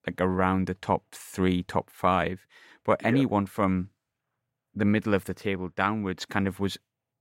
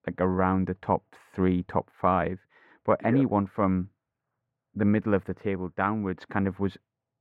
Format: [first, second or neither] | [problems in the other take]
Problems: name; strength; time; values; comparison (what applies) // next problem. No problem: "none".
first | muffled; very; fading above 3 kHz